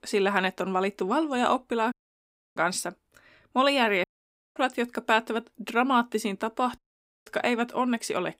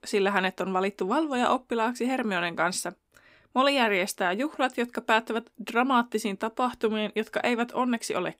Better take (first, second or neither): second